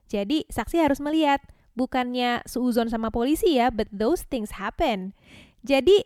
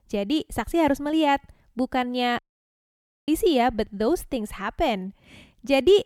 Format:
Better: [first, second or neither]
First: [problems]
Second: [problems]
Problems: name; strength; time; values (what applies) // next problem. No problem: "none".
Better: first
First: none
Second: audio cutting out; at 2.5 s for 1 s